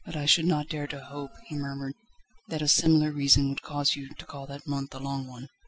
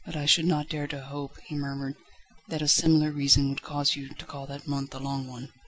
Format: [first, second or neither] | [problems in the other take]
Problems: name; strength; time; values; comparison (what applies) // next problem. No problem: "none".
second | noise reduction (classical method spectral subtraction)